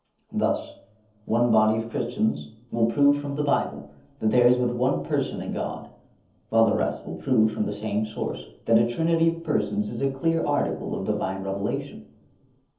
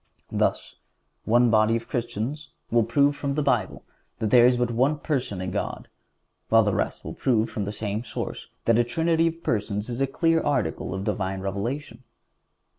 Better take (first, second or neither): second